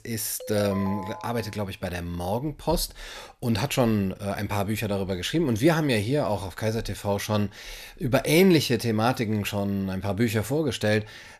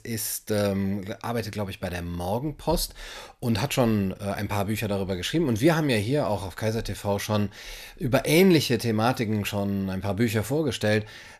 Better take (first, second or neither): second